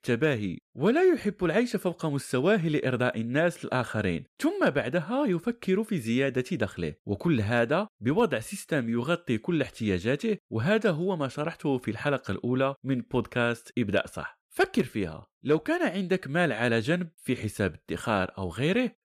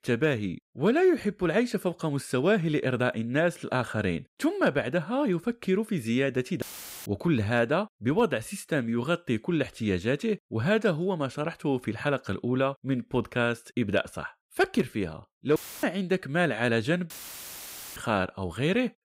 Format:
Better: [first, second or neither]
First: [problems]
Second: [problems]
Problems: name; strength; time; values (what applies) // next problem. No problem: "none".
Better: first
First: none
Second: audio cutting out; filled with static; at 6.5 s, at 16 s and at 17 s for 1 s